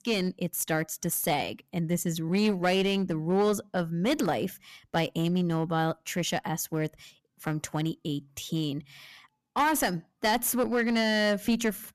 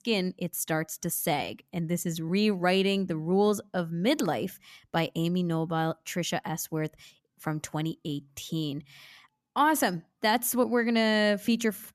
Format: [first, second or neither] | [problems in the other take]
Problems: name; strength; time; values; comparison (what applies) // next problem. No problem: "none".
second | distortion; slight; 6% of the sound clipped